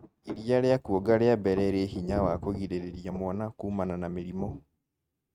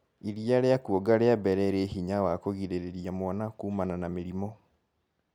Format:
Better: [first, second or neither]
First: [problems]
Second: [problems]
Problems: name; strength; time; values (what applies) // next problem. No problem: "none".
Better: second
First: noise reduction (neural mask model RNNoise)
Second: none